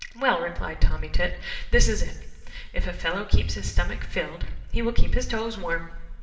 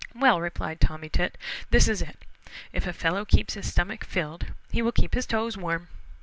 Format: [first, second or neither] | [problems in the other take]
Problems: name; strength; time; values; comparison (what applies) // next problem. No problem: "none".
second | room echo; dies away in 1.6 s